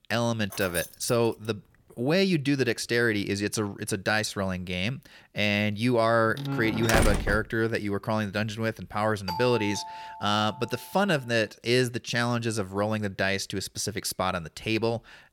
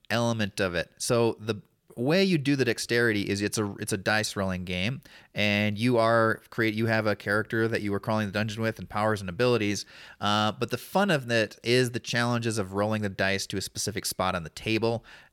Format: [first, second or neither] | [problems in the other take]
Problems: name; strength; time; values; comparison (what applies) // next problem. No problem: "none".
second | jangling keys; noticeable; at 0.5 s; peak 8 dB below the speech // door banging; loud; from 6.5 to 7.5 s; peak 2 dB above the speech // doorbell; noticeable; from 9.5 to 11 s; peak 7 dB below the speech